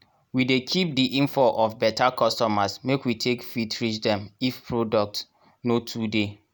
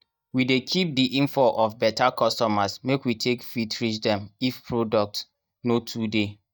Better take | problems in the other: first | noise reduction (neural mask model DeepFilterNet 3)

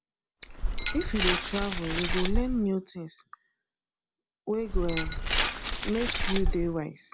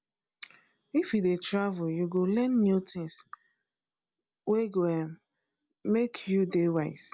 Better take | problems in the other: second | background sound (Glass); 4 dB above the speech

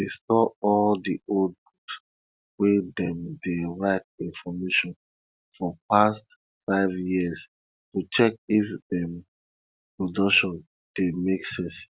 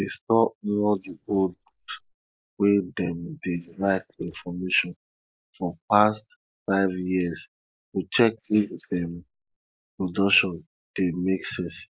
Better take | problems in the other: first | noise reduction (neural mask model Resemble Enhance denoiser)

